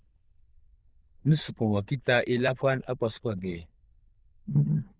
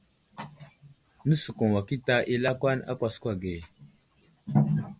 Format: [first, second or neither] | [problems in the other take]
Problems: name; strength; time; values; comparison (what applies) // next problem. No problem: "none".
second | noise reduction (neural diffusion model UNIVERSE++)